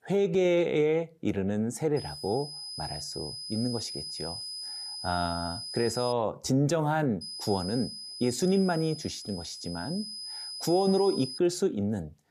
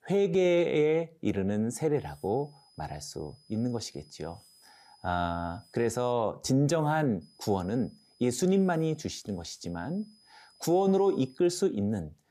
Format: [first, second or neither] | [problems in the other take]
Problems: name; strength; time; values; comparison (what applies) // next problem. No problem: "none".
second | high-pitched whine; loud; from 2 to 6 s and from 7 to 11 s; 5 kHz, 8 dB below the speech; faint in the second